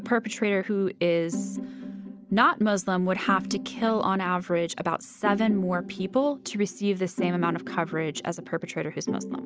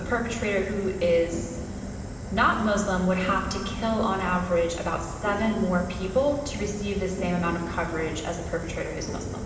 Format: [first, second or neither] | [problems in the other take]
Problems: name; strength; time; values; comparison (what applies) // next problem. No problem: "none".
first | background sound (Fire); 9 dB below the speech // room echo; dies away in 1.3 s